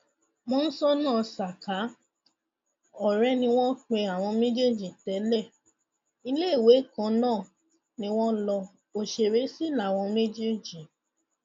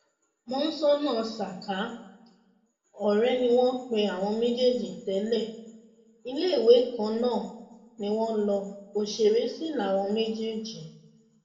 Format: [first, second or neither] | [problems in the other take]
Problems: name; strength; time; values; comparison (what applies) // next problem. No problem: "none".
first | room echo; dies away in 0.7 s